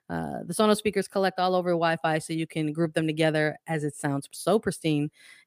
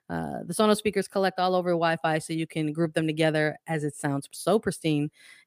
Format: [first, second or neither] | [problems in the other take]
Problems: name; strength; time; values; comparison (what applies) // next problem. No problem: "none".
neither | none